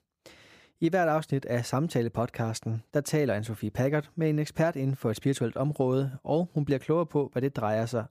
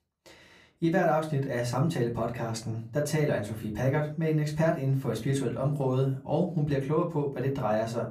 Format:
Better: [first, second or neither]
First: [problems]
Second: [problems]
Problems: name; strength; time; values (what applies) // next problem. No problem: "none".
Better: first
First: none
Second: off-mic speech; far // room echo; very slight; dies away in 0.3 s